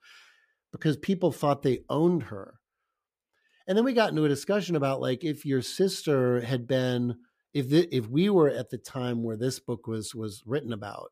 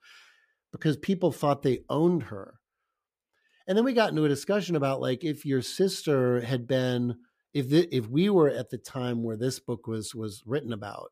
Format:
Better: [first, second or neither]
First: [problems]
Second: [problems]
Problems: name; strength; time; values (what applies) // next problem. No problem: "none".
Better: neither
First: none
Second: none